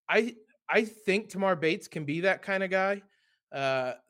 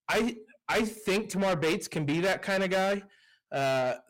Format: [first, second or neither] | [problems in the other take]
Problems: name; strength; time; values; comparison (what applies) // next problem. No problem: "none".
first | distortion; heavy; 6 dB below the speech